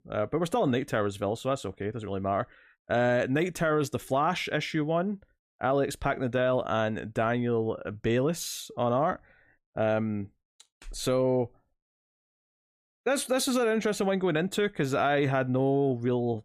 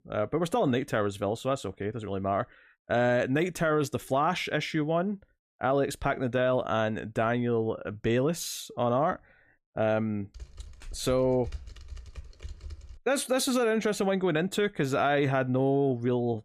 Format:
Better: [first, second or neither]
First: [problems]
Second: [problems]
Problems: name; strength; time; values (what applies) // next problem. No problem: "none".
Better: first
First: none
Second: keyboard typing; faint; from 10 to 13 s; peak 15 dB below the speech